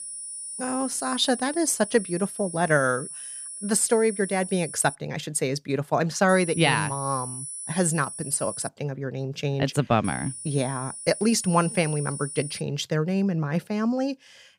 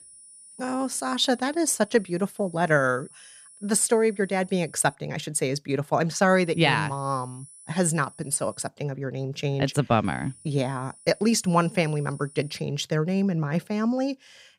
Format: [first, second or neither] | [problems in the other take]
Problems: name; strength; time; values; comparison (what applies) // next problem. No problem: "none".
second | high-pitched whine; loud; until 5 s, from 6.5 to 8.5 s and from 10 to 13 s; 10 kHz, 9 dB below the speech; faint in the second